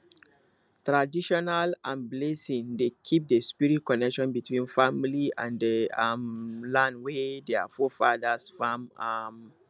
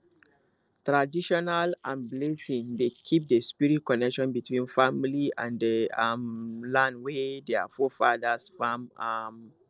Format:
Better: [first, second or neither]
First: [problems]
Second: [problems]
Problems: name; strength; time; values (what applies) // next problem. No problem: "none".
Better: first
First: none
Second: noise reduction (neural separator model SepFormer DNS4)